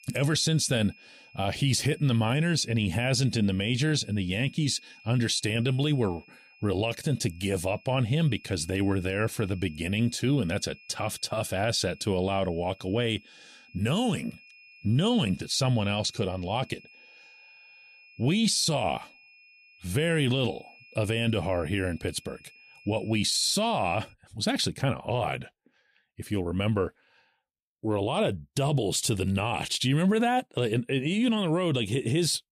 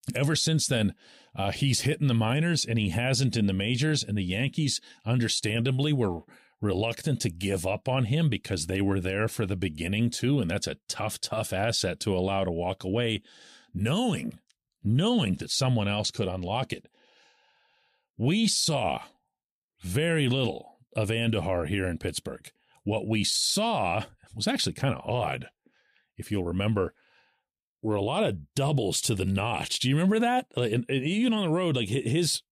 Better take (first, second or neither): second